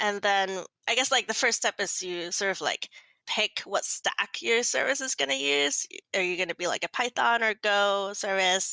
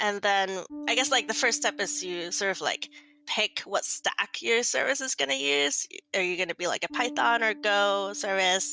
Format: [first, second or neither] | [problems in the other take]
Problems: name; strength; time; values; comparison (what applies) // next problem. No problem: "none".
first | background sound (Bass guitar); 18 dB below the speech